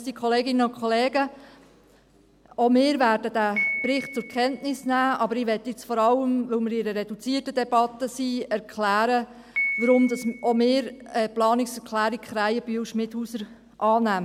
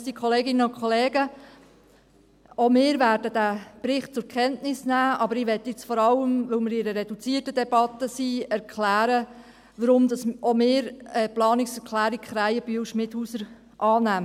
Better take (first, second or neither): second